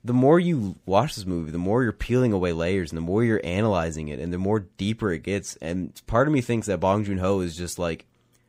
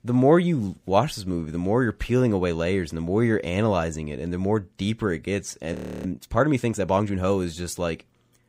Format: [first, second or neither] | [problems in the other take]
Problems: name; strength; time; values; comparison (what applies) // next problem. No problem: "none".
first | audio freezing; at 5.5 s